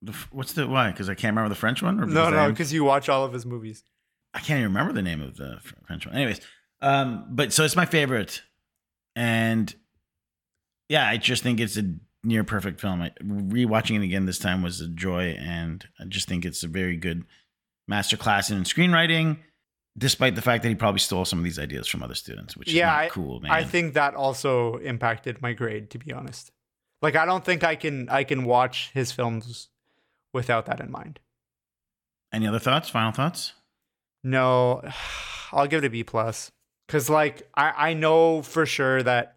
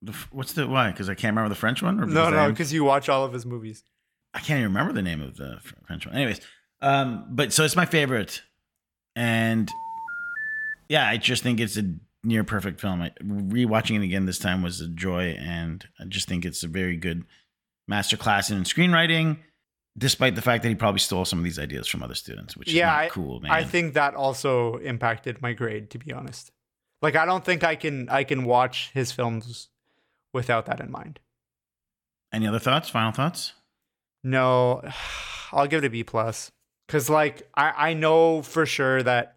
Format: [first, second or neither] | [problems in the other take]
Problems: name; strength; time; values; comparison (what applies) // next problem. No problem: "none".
first | phone ringing; noticeable; from 9.5 to 11 s; peak 4 dB below the speech